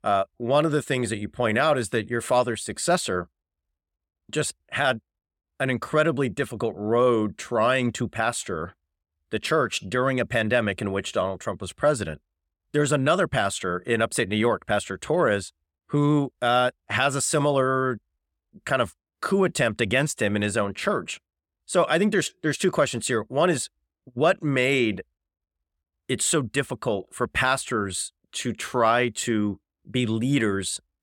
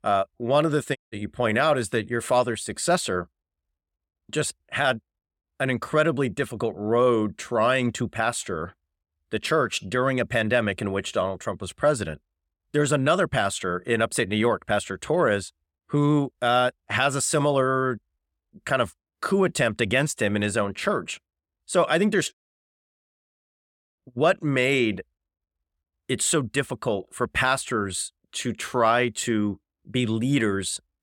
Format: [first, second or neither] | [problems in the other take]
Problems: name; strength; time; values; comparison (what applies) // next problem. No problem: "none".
first | audio cutting out; at 1 s and at 22 s for 1.5 s